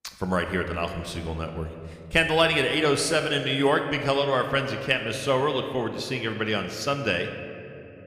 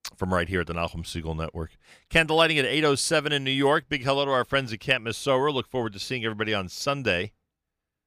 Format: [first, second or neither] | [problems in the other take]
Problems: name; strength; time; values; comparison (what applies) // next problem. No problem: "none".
second | room echo; slight; dies away in 1.9 s